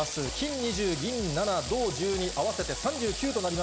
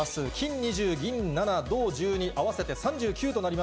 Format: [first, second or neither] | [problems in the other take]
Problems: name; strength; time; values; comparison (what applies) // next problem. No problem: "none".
second | background sound (Water tap, faucet / Water); 8 dB below the speech